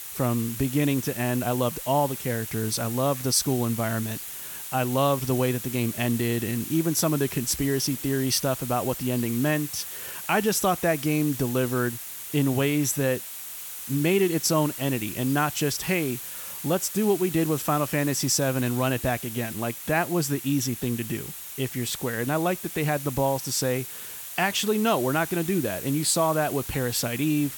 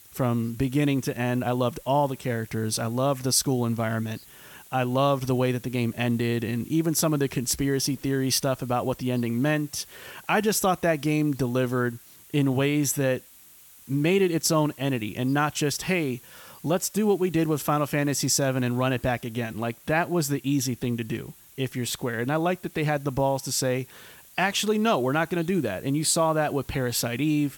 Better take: second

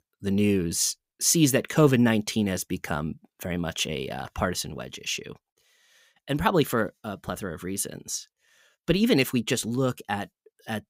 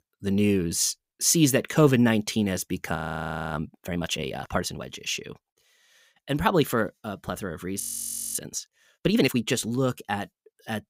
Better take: first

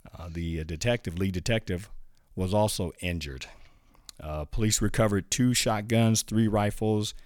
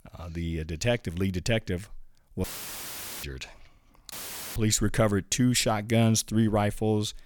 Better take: first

